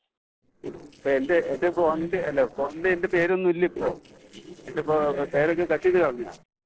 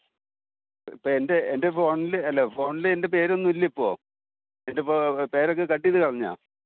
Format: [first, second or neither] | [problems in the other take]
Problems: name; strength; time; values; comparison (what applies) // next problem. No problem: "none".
second | noise reduction (neural separator model SepFormer DNS4)